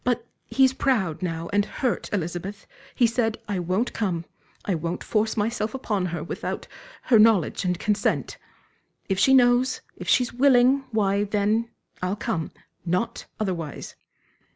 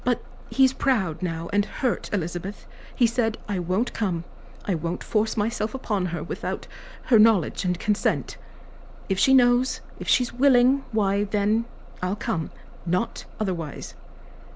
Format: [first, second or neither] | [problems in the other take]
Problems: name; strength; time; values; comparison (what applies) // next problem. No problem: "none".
first | background sound (Bus); 14 dB below the speech